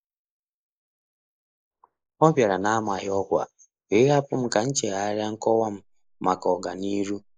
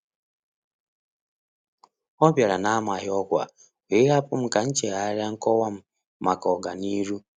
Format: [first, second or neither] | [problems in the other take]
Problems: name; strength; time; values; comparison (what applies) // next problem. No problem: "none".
second | noise reduction (neural mask model Resemble Enhance denoiser)